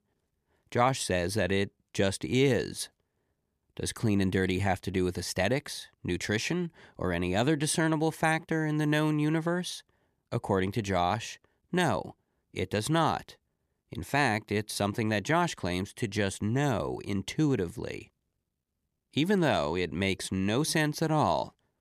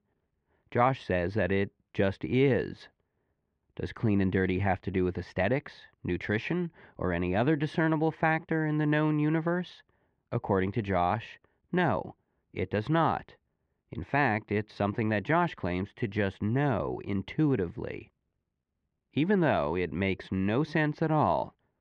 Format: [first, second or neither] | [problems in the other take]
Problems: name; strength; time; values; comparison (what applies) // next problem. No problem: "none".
first | muffled; very; fading above 2.5 kHz